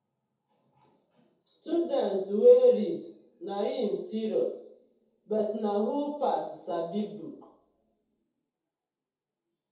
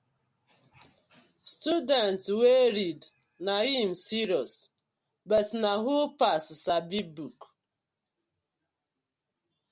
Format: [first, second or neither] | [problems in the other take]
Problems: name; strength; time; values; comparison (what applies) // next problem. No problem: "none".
second | room echo; dies away in 0.7 s